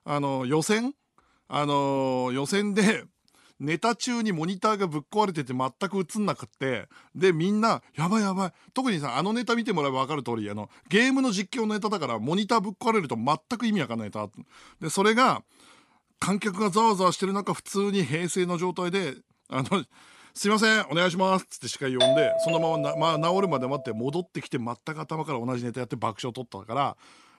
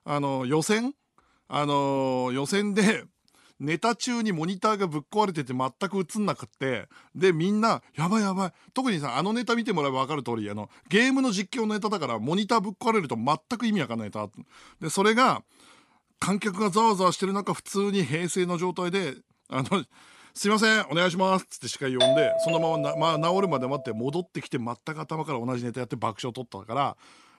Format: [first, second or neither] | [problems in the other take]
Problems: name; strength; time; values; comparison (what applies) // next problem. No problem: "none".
neither | doorbell; loud; from 22 to 24 s; peak 5 dB above the speech; the same in both